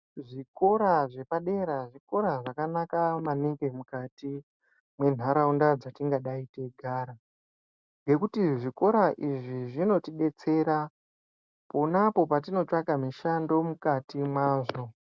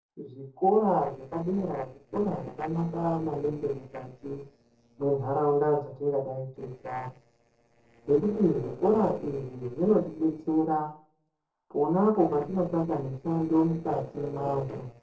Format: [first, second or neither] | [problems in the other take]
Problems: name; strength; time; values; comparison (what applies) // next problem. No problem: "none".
first | noise reduction (neural separator model SepFormer DNS4)